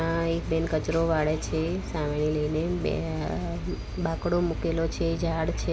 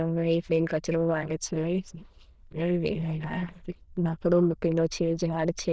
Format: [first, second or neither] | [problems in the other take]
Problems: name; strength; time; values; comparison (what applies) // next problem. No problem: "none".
first | noise reduction (neural diffusion model UNIVERSE++)